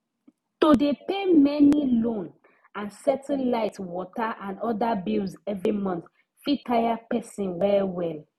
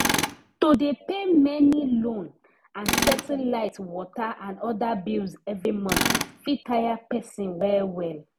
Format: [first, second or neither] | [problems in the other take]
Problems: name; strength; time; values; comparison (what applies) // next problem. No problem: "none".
first | background sound (Tools); 6 dB below the speech